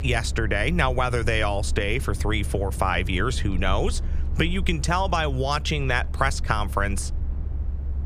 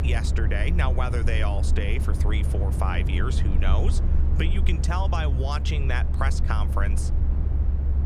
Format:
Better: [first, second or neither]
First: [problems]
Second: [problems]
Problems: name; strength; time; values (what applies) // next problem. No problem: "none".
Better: first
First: low rumble; faint; throughout; 20 dB below the speech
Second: low rumble; loud; throughout; 8 dB below the speech